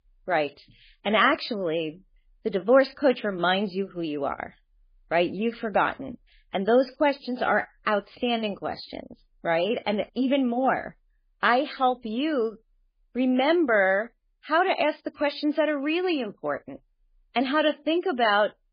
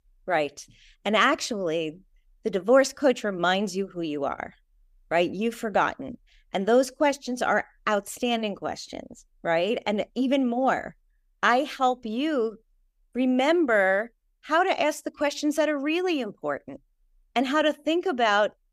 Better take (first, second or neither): second